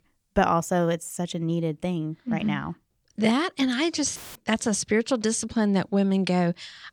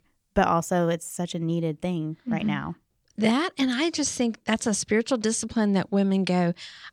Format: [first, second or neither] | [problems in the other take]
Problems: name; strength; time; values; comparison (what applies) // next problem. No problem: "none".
second | audio cutting out; filled with static; at 4 s